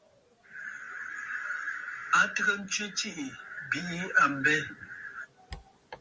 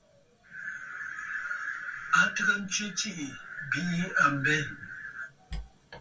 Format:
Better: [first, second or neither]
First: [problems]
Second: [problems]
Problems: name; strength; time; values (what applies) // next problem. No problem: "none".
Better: first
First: none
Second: room echo; dies away in 0.1 s